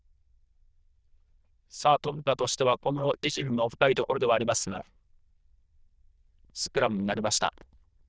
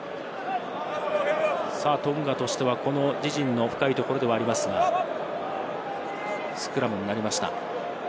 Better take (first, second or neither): second